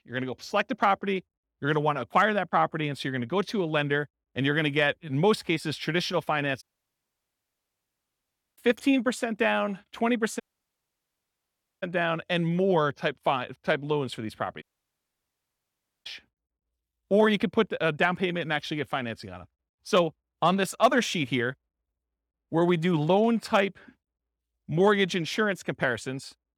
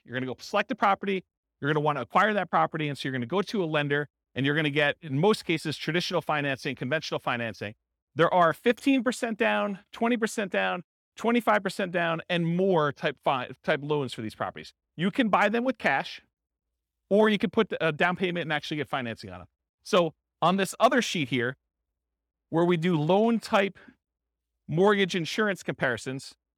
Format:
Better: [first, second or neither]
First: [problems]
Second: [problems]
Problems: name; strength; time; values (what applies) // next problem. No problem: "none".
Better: second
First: audio cutting out; at 6.5 s for 2 s, at 10 s for 1.5 s and at 15 s for 1.5 s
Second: none